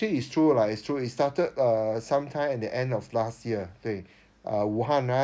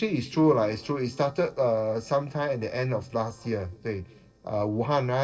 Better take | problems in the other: first | noise reduction (neural separator model SepFormer DNS4)

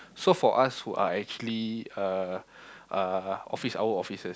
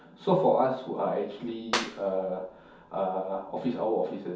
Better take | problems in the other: first | background sound (Clapping); 10 dB below the speech // room echo; dies away in 0.6 s

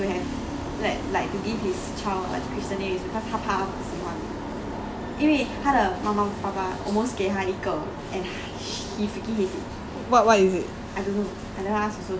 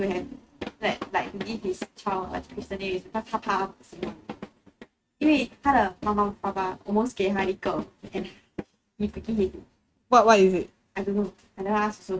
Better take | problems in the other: first | noise reduction (neural mask model RNNoise)

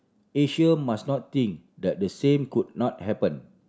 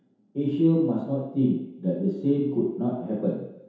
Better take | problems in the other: first | room echo; dies away in 0.8 s

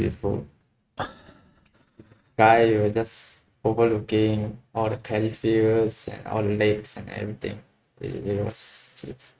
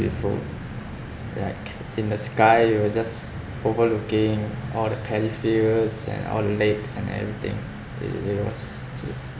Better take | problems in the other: second | noise reduction (neural mask model RNNoise)

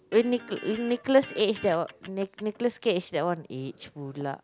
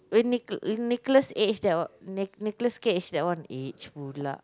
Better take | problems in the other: second | background sound (Electric guitar); 18 dB below the speech

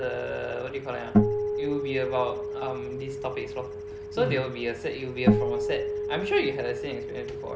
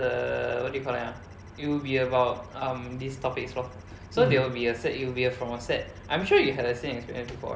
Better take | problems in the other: second | background sound (Acoustic guitar); 2 dB above the speech

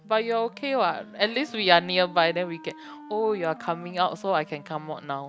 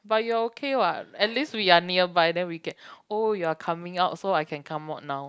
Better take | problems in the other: second | background sound (Wind instrument, woodwind instrument); 20 dB below the speech

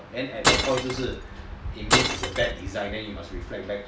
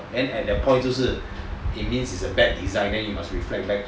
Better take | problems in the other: second | background sound (Glass); 4 dB above the speech

